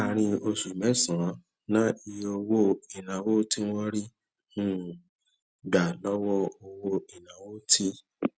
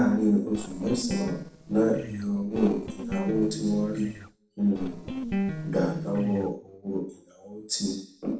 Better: first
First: none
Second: noise reduction (neural separator model SepFormer DNS4)

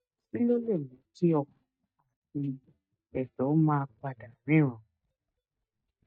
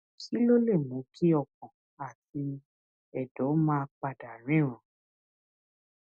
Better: second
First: noise reduction (neural mask model DeepFilterNet 3)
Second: none

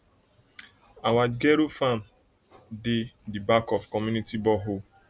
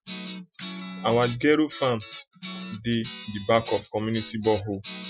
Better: first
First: none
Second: noise reduction (classical method Wiener filter)

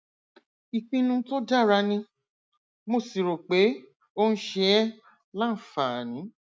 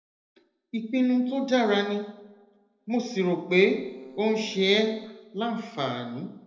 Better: first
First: none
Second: noise reduction (neural separator model SepFormer DNS4)

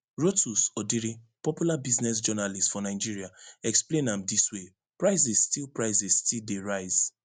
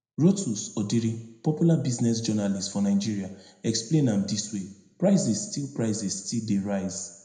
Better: first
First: none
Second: room echo; dies away in 0.7 s

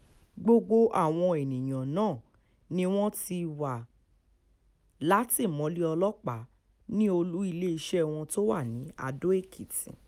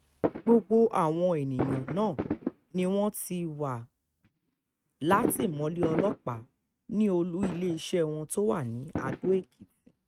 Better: first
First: none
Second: noise reduction (neural mask model RNNoise)

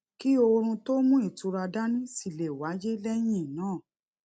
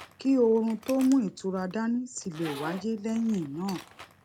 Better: first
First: none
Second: background sound (Zipper (clothing)); 19 dB below the speech

